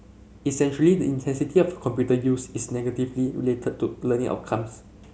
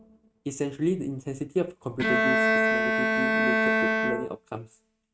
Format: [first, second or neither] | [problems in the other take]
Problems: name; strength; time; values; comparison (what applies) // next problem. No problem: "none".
first | noise reduction (neural mask model RNNoise)